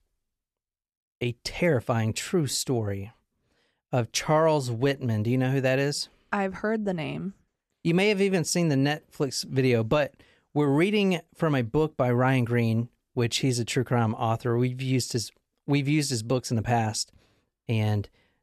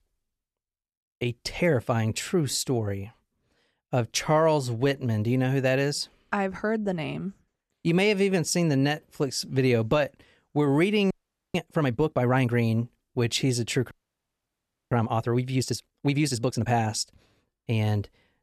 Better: first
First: none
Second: audio freezing; at 11 s and at 14 s for 1 s

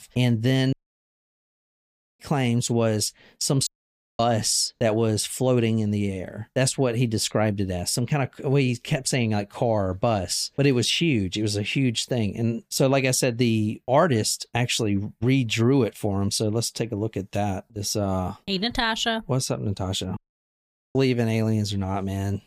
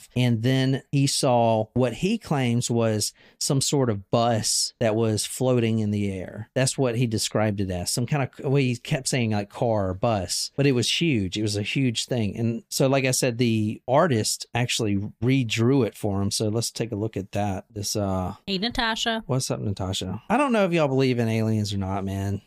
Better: second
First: audio cutting out; at 0.5 s for 1.5 s, at 3.5 s for 0.5 s and at 20 s for 1 s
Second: none

